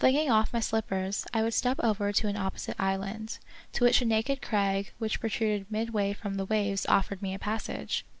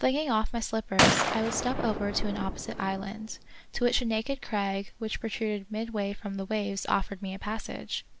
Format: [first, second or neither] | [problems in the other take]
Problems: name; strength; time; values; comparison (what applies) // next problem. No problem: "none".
first | background sound (Gunshot, gunfire); 1 dB below the speech